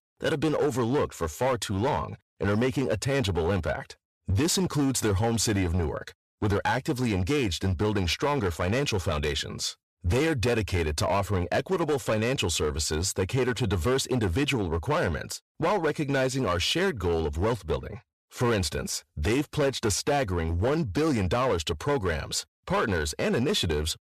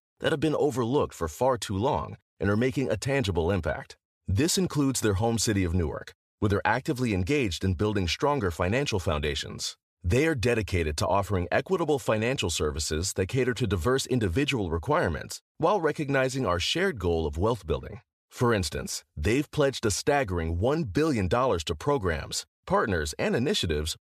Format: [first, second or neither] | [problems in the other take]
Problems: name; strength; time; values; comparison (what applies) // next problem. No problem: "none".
second | distortion; slight; 12% of the sound clipped